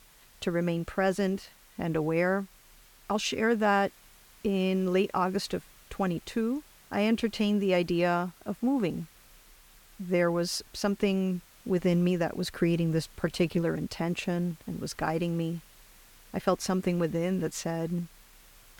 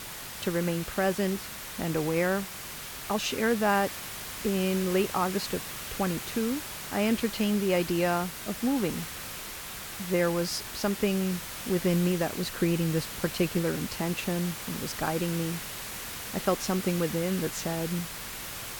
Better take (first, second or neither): first